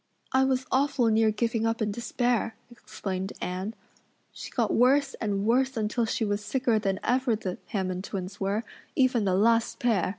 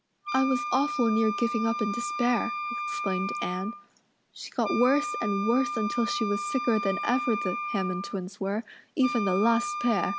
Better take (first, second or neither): first